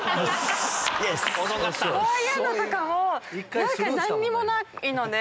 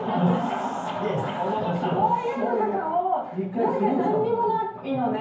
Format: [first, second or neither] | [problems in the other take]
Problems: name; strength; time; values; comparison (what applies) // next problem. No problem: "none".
first | room echo; dies away in 0.9 s